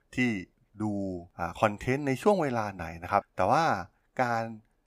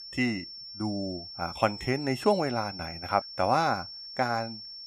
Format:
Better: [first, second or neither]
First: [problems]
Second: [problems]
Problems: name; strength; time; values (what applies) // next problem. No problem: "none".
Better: first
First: none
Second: high-pitched whine; noticeable; throughout; 5.5 kHz, 10 dB below the speech